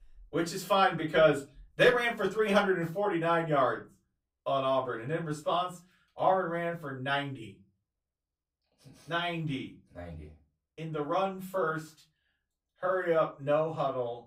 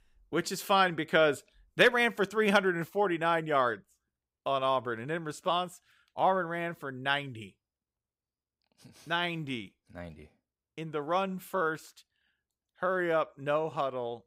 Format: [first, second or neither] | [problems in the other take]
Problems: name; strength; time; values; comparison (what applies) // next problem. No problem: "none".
second | off-mic speech; far // room echo; very slight; dies away in 0.3 s